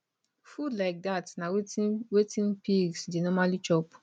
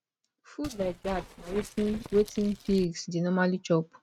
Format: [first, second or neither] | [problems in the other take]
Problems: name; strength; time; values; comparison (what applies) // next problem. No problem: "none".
first | noise reduction (neural mask model RNNoise)